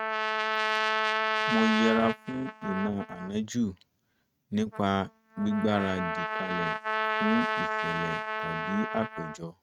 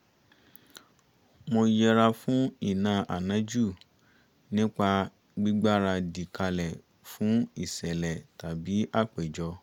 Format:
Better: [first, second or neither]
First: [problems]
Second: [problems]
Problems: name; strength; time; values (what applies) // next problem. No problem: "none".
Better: second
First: noise reduction (neural mask model RNNoise)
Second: none